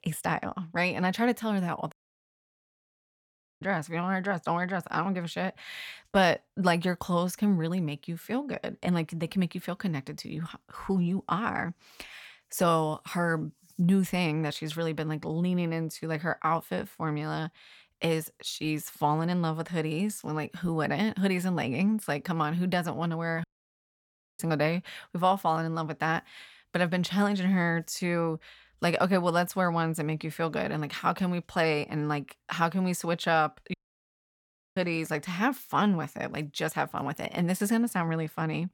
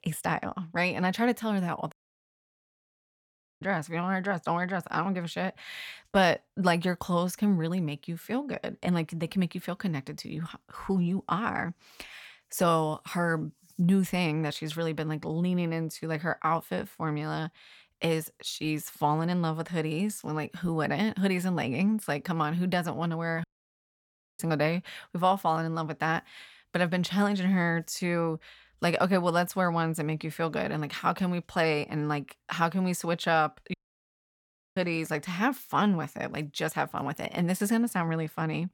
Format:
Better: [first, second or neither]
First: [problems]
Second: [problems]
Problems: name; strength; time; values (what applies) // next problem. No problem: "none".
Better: neither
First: audio cutting out; at 2 s for 1.5 s, at 23 s for 1 s and at 34 s for 1 s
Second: audio cutting out; at 2 s for 1.5 s, at 23 s for 1 s and at 34 s for 1 s